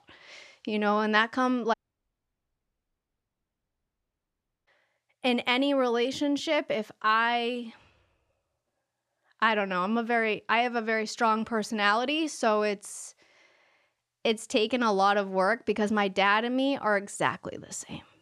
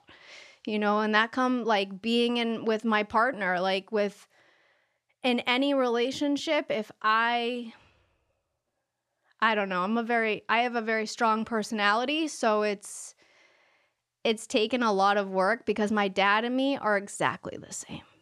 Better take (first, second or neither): second